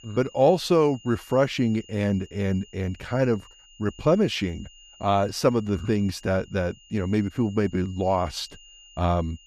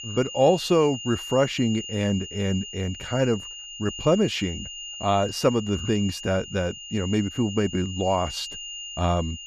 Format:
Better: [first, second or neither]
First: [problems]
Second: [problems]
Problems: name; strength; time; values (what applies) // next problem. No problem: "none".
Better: first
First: high-pitched whine; faint; throughout; 3 kHz, 25 dB below the speech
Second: high-pitched whine; loud; throughout; 3 kHz, 10 dB below the speech